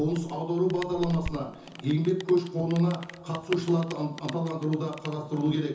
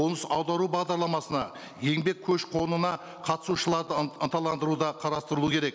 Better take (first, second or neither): second